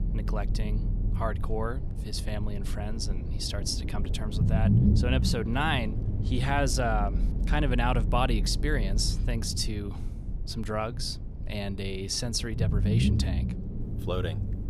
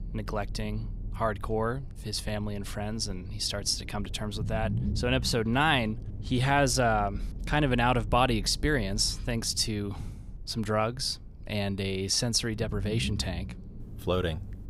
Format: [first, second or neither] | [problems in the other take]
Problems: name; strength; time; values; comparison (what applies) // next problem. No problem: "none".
second | low rumble; loud; throughout; 10 dB below the speech; faint in the second